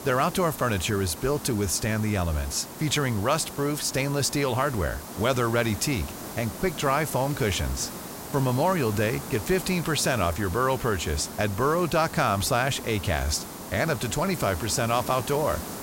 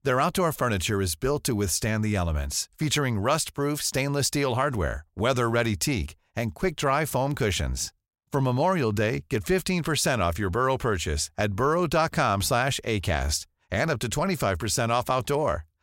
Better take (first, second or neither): second